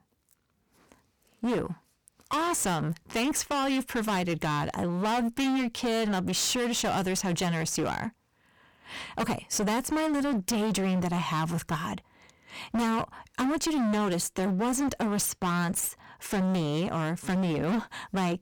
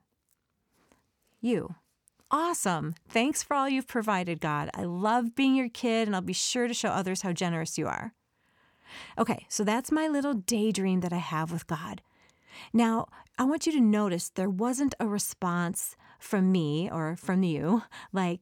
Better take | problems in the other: second | distortion; heavy; 26% of the sound clipped

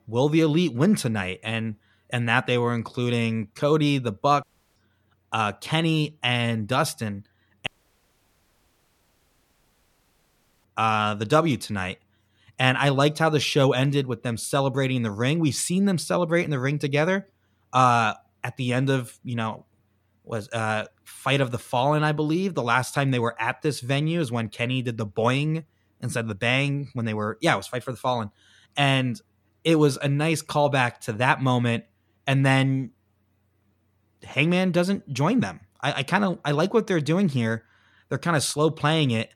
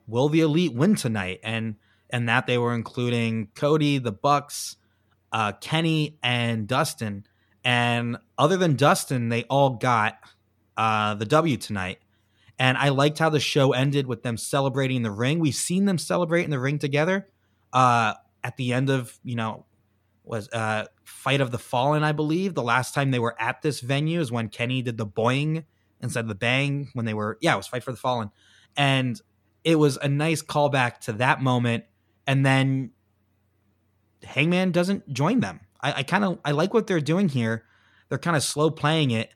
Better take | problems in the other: second | audio cutting out; at 4.5 s and at 7.5 s for 3 s

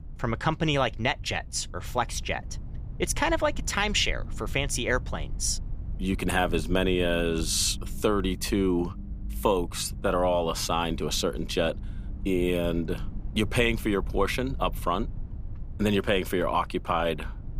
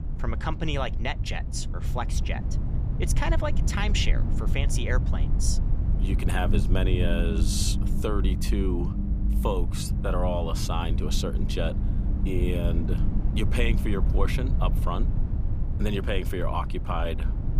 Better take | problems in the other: first | low rumble; loud; throughout; 9 dB below the speech; faint in the first

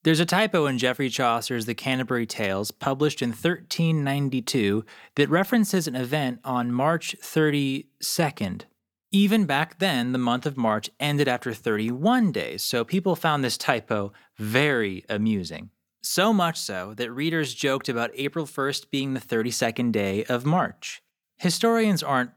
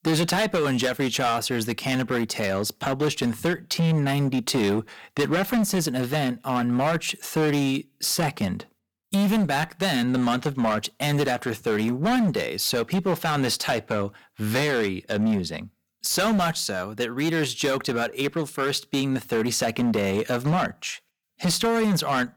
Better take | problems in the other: first | distortion; heavy; 14% of the sound clipped

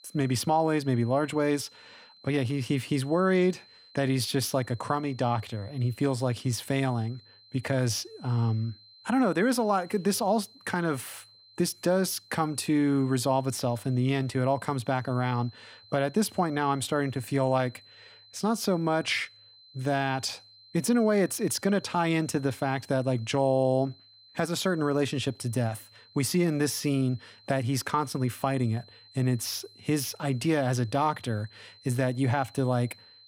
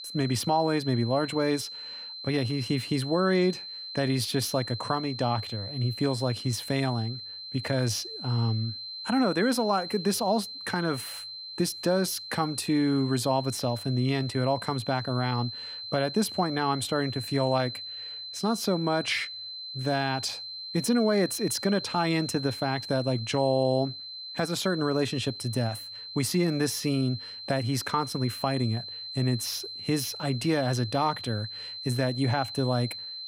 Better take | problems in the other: first | high-pitched whine; loud; throughout; 4 kHz, 9 dB below the speech; faint in the first

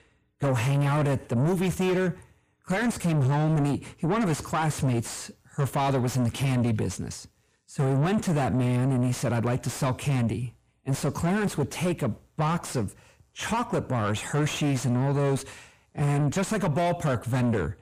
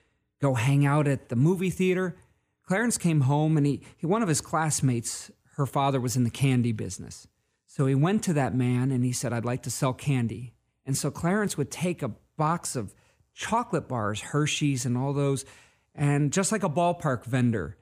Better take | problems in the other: second | distortion; heavy; 7 dB below the speech

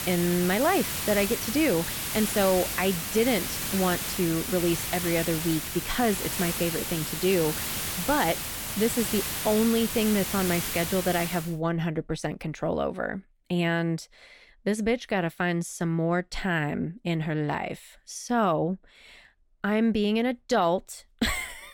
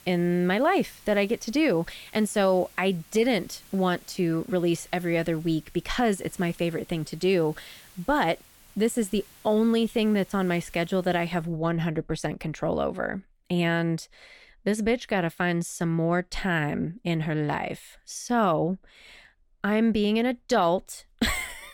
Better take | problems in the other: second | hiss; loud; until 11 s; 3 dB below the speech; faint in the second

